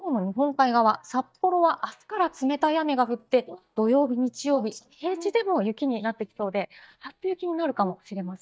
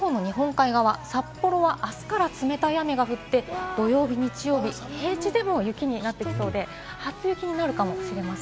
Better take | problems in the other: second | noise reduction (neural mask model DeepFilterNet 3)

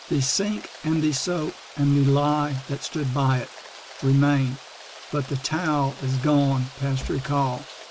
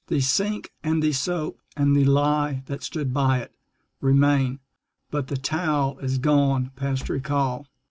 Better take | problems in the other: second | background sound (Rain); 18 dB below the speech

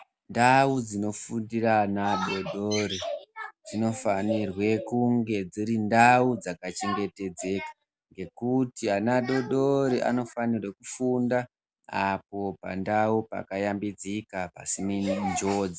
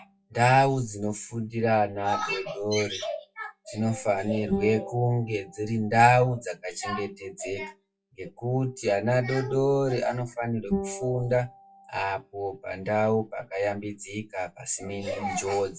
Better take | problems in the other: first | noise reduction (classical method WPE with log-MMSE)

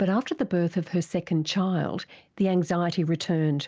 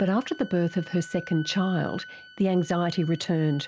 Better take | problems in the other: first | background sound (Wind instrument, woodwind instrument); 18 dB below the speech

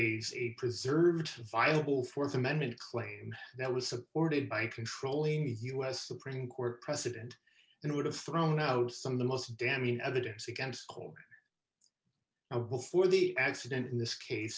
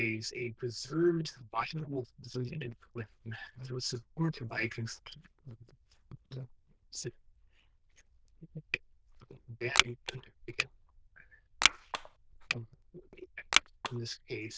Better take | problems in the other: first | noise reduction (neural diffusion model UNIVERSE++)

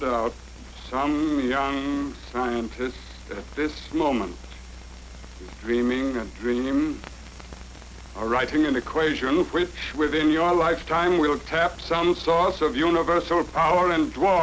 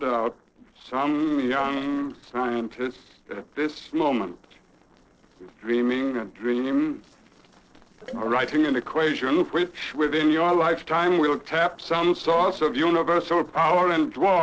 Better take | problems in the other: first | noise reduction (neural separator model SepFormer DNS4)

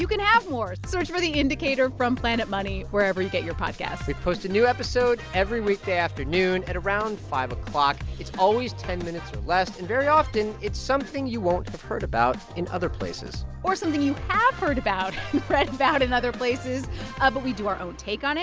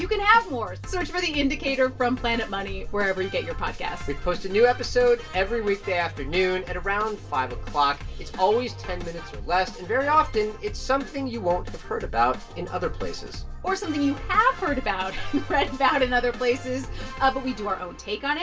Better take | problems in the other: first | room echo; dies away in 0.2 s

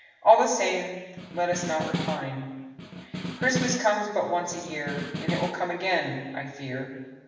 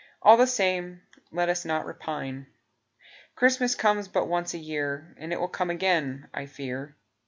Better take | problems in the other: second | background sound (Snare drum); 6 dB below the speech // room echo; dies away in 1.1 s

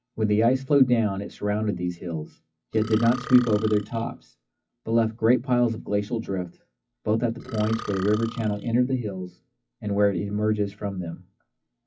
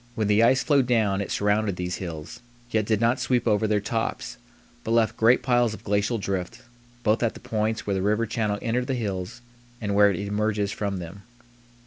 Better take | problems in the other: second | noise reduction (classical method WPE with log-MMSE)

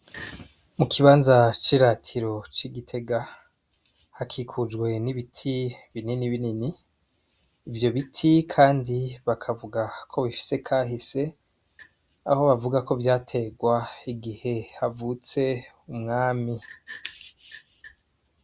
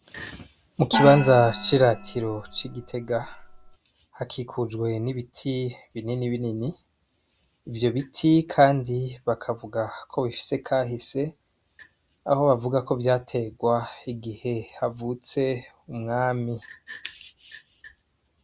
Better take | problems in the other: first | background sound (Gong); 6 dB below the speech

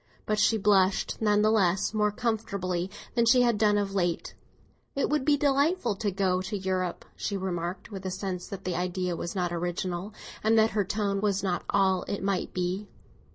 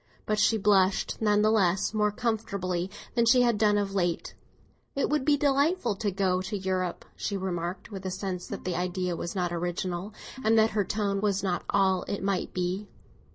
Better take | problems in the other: first | background sound (Organ); 20 dB below the speech

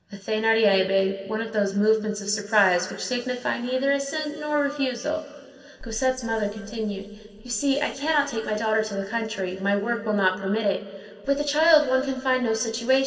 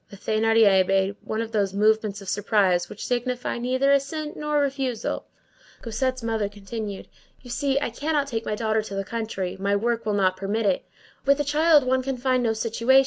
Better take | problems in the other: second | room echo; dies away in 2.5 s

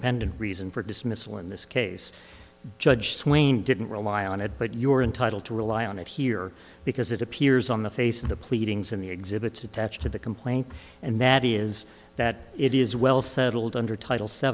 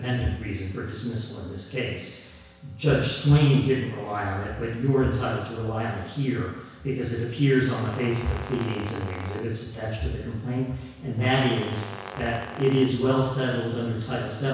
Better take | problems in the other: first | background sound (Brass instrument); 14 dB below the speech // room echo; dies away in 1.1 s

